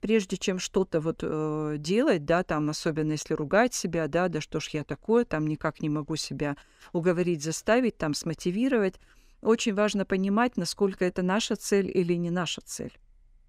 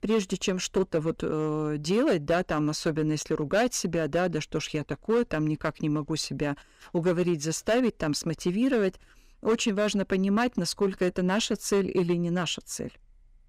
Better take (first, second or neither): first